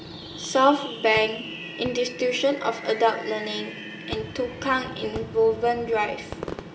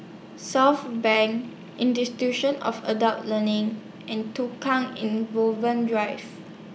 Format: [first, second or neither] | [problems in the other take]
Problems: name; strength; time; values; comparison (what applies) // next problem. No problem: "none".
second | background sound (Fireworks); 14 dB below the speech // room echo; dies away in 1.1 s